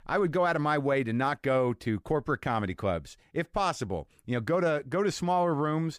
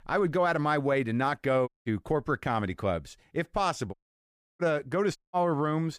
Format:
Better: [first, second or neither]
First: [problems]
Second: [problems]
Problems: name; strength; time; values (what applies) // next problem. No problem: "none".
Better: first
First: none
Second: audio cutting out; at 1.5 s, at 4 s for 0.5 s and at 5 s